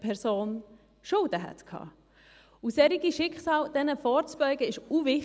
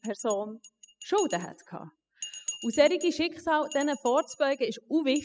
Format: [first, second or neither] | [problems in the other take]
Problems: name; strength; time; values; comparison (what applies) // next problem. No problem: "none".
first | noise reduction (classical method spectral subtraction)